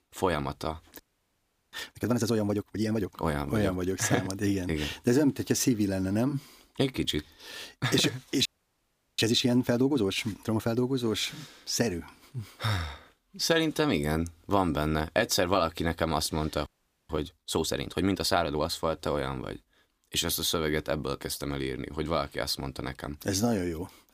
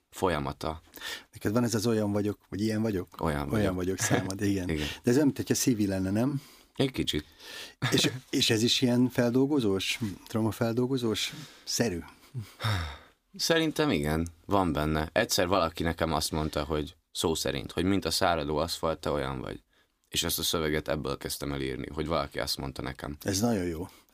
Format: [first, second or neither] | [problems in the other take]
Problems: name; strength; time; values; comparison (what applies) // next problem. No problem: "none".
second | audio freezing; at 1 s for 0.5 s, at 8.5 s for 0.5 s and at 17 s